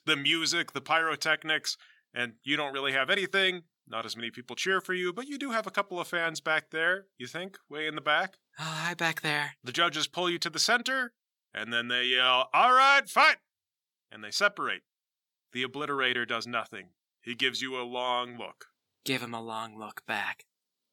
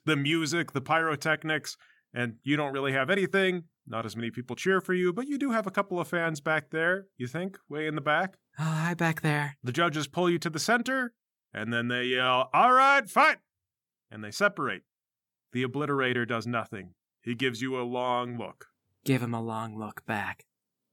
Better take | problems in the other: second | thin; somewhat; fading below 550 Hz

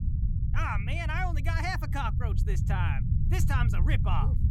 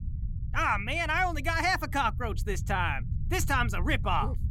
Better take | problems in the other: second | low rumble; loud; throughout; 9 dB below the speech; faint in the second

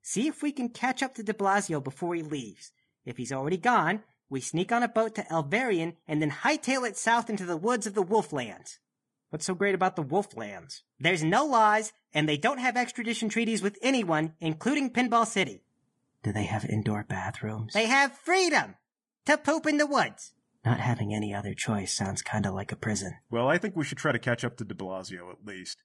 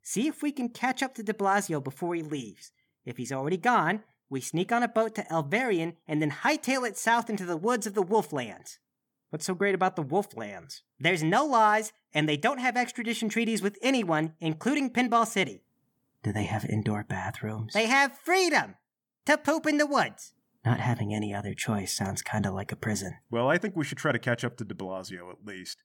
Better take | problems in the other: second | garbled, watery; slightly; nothing above 10 kHz

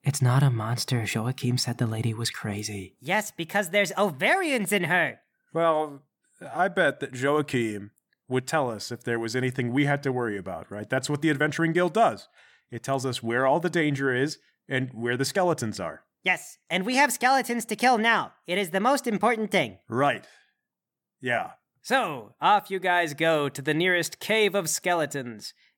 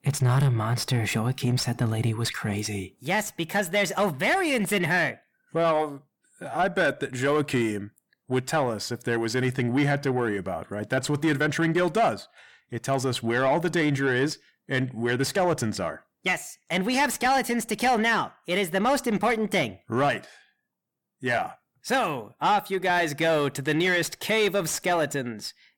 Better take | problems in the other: first | distortion; slight; 10 dB below the speech

